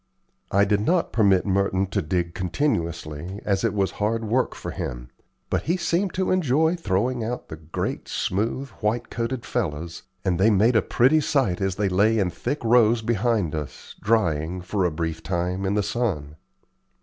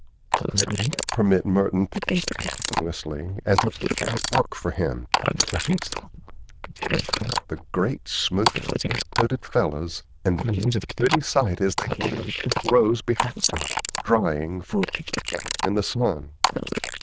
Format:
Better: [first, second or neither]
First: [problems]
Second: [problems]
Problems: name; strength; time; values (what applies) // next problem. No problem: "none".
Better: first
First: none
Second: noise reduction (neural diffusion model UNIVERSE++)